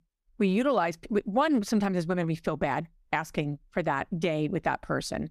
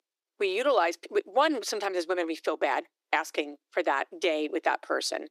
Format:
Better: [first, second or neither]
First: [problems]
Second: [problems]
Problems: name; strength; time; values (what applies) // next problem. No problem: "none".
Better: first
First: none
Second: thin; very; fading below 300 Hz